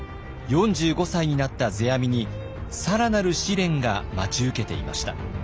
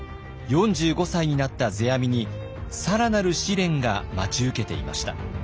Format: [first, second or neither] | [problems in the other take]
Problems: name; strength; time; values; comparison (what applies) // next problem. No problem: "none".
second | background sound (Fixed-wing aircraft, airplane); 18 dB below the speech